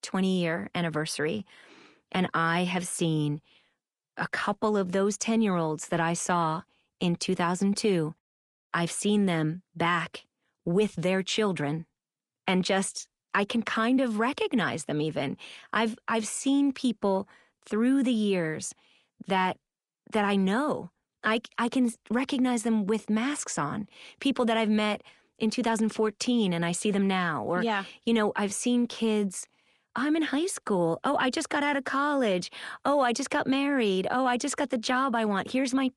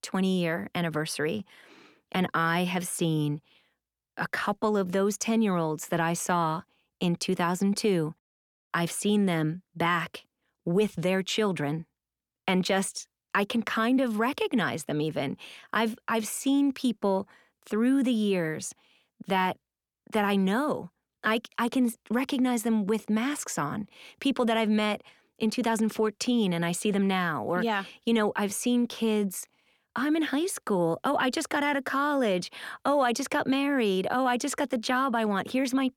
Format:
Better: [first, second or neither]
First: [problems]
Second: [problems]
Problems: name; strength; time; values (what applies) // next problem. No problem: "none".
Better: second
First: garbled, watery; slightly; nothing above 10.5 kHz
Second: none